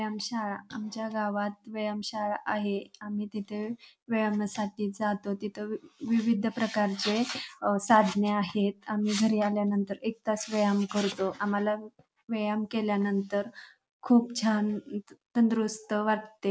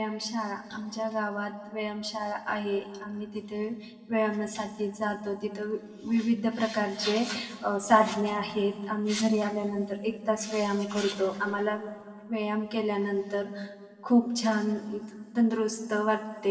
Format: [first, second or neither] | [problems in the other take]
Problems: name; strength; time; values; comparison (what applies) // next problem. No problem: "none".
first | room echo; dies away in 2.7 s